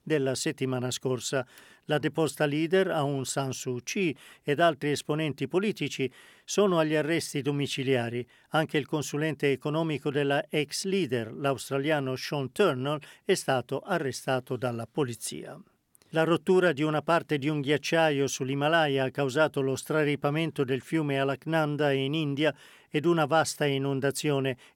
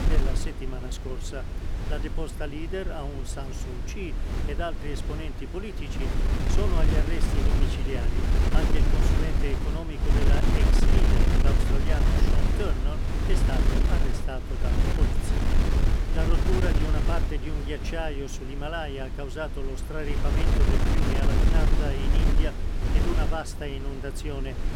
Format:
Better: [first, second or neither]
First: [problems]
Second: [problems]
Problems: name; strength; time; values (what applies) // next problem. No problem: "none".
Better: first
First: none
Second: wind noise on the microphone; heavy; 1 dB above the speech